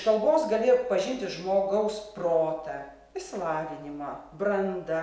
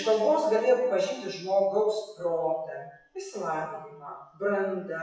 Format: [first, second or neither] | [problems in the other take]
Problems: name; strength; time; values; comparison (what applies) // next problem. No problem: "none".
first | noise reduction (classical method WPE with log-MMSE)